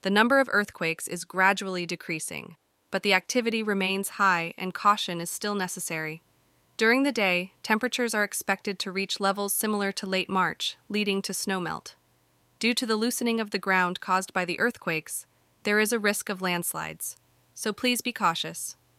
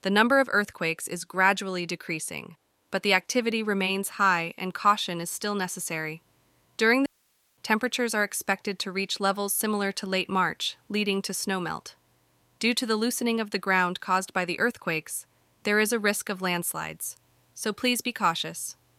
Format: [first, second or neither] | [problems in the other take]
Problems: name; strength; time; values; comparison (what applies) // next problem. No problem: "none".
first | audio cutting out; at 7 s for 0.5 s